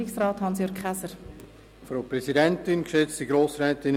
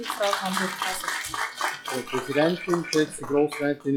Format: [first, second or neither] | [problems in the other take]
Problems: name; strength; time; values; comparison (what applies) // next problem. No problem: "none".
first | noise reduction (classical method log-MMSE)